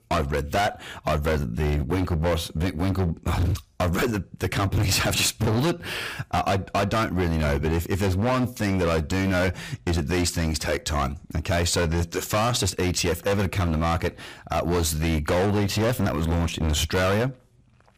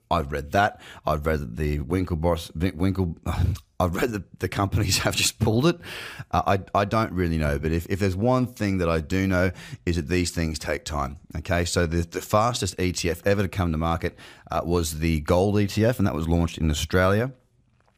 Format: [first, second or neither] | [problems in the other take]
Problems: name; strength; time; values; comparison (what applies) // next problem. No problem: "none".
second | distortion; heavy; 22% of the sound clipped